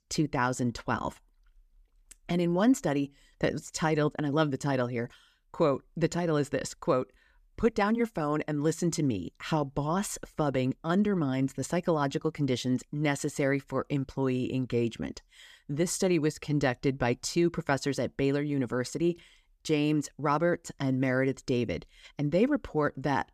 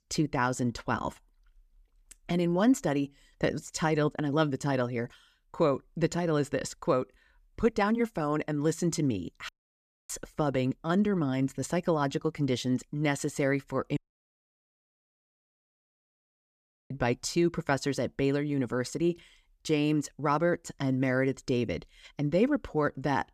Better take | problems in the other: first | audio cutting out; at 9.5 s for 0.5 s and at 14 s for 3 s

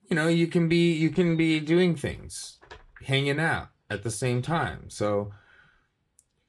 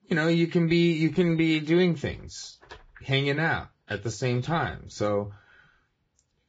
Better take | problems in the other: first | garbled, watery; badly; nothing above 7.5 kHz; slightly in the first

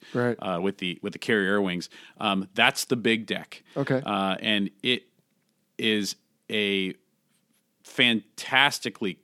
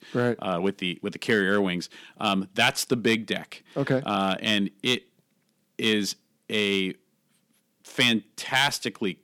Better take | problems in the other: first | distortion; slight; 0.8% of the sound clipped

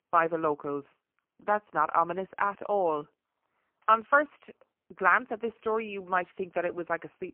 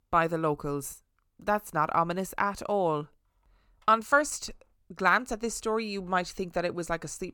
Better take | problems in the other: second | phone-call audio; poor line

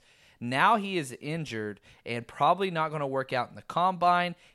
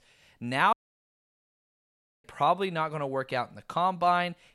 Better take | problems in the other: first | audio cutting out; at 0.5 s for 1.5 s

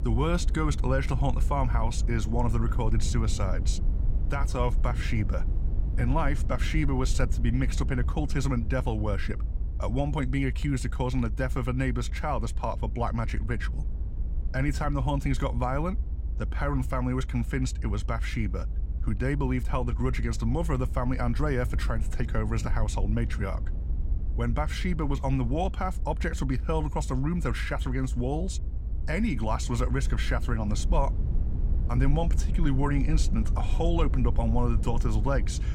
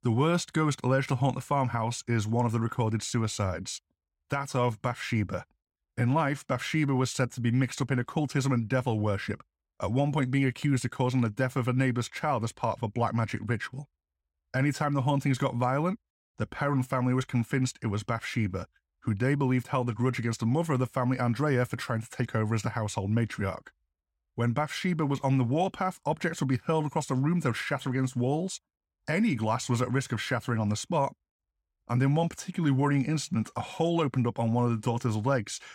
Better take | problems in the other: second | low rumble; noticeable; throughout; 15 dB below the speech

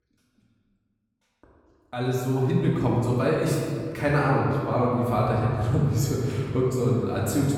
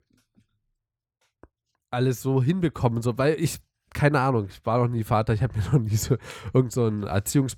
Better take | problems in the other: second | off-mic speech; far // room echo; noticeable; dies away in 1.9 s

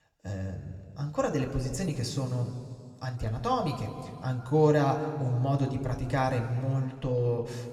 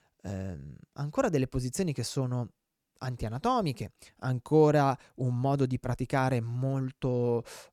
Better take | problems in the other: second | room echo; slight; dies away in 2.1 s

